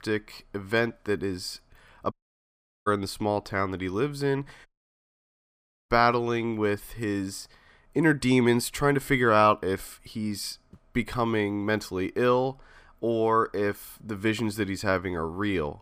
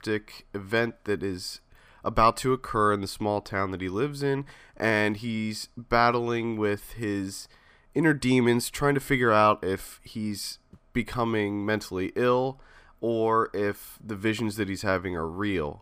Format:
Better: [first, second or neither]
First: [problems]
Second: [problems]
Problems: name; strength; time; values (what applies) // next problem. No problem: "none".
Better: second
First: audio cutting out; at 2 s for 0.5 s and at 4.5 s for 1 s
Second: none